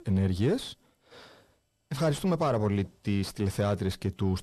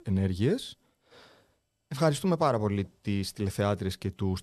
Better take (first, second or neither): second